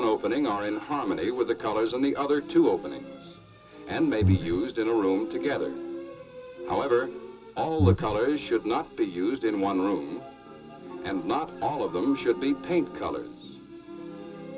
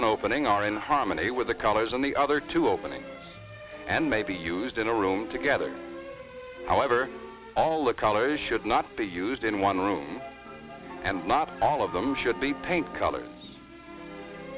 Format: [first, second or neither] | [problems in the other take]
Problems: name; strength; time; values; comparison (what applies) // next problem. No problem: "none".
second | background sound (Breathing); 3 dB above the speech // room echo; dies away in 0.2 s